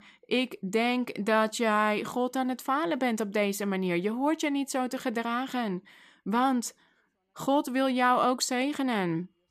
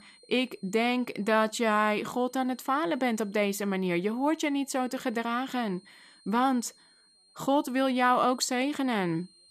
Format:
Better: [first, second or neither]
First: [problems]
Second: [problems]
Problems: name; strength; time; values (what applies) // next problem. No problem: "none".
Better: first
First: none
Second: high-pitched whine; faint; throughout; 4 kHz, 30 dB below the speech